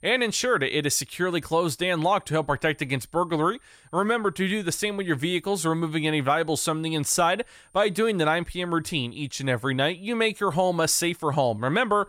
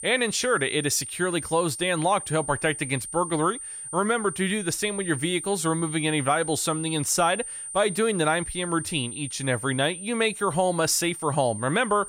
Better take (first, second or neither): first